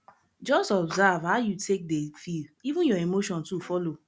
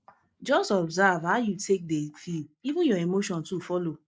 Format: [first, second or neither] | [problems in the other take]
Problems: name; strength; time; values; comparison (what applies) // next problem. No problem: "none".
first | noise reduction (neural mask model Resemble Enhance denoiser)